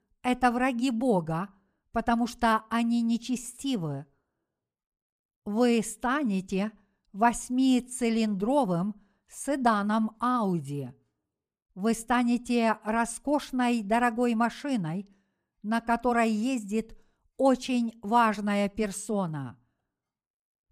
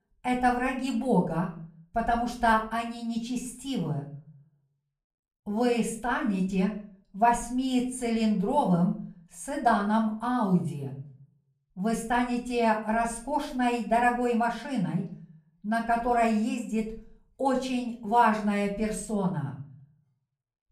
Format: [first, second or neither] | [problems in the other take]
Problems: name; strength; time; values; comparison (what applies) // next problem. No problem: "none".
first | off-mic speech; far // room echo; slight; dies away in 0.4 s